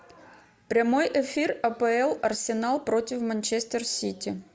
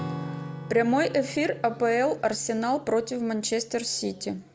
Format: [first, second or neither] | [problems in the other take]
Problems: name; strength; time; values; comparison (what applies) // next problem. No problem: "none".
first | background sound (Acoustic guitar / Strum); 13 dB below the speech